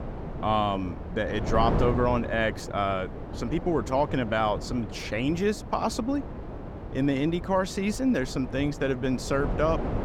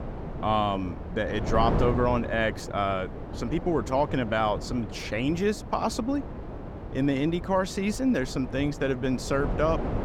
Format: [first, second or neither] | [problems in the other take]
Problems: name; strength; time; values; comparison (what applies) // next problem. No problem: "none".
neither | wind noise on the microphone; occasional gusts; 10 dB below the speech; the same in both